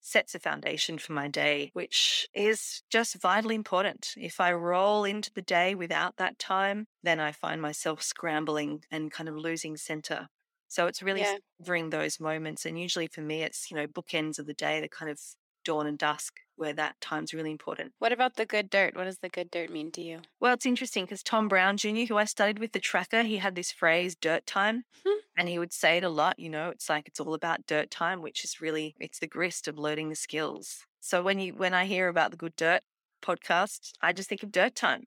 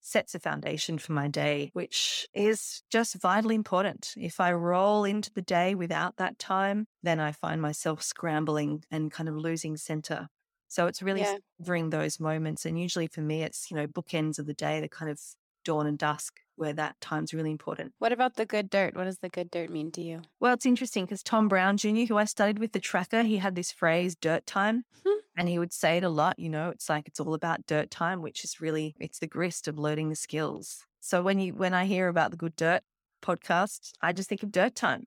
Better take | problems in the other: second | thin; very slightly; fading below 250 Hz

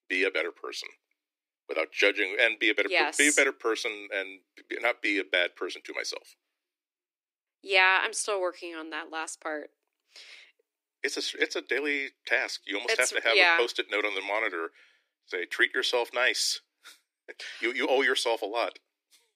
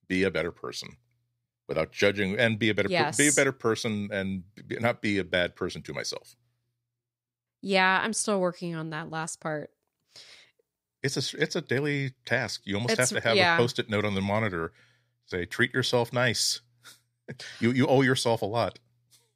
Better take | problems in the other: second | thin; somewhat; fading below 300 Hz

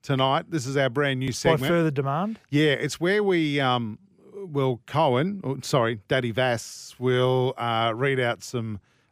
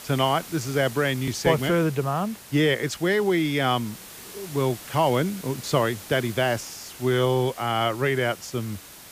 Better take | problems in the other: first | hiss; noticeable; throughout; 15 dB below the speech

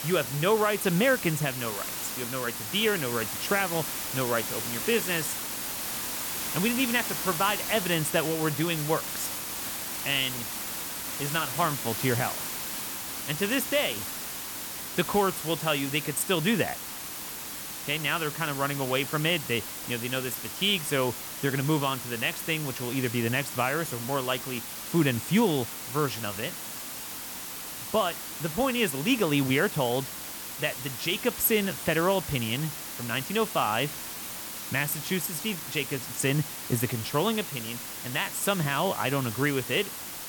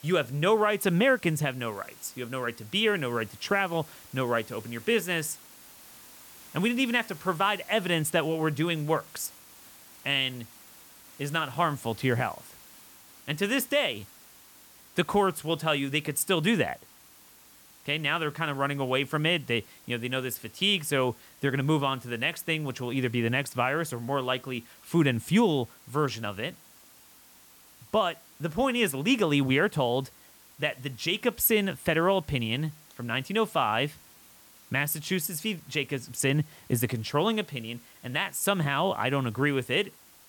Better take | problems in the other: second | hiss; loud; throughout; 5 dB below the speech; faint in the second

